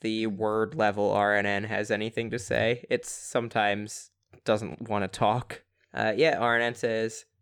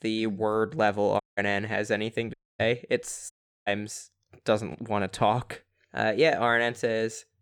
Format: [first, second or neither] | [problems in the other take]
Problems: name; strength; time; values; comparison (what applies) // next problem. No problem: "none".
first | audio cutting out; at 1 s, at 2.5 s and at 3.5 s